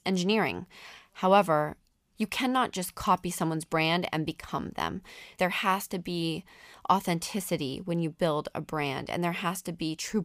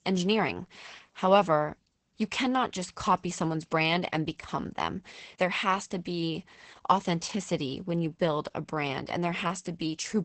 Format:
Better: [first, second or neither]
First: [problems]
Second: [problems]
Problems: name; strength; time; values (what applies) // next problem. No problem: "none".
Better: first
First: none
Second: garbled, watery; badly; nothing above 8 kHz